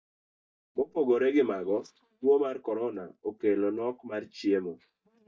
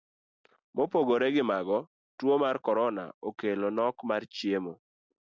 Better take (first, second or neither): second